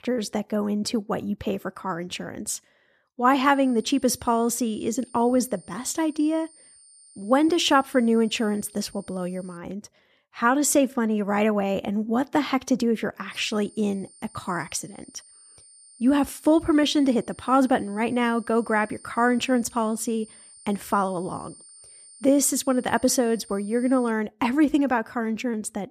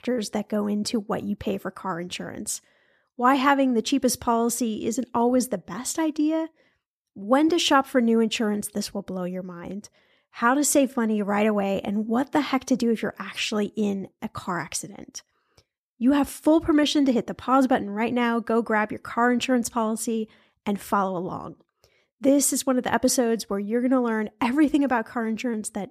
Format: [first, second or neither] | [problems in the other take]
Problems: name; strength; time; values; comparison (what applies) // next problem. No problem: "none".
second | high-pitched whine; faint; from 3.5 to 9.5 s and from 13 to 24 s; 9 kHz, 25 dB below the speech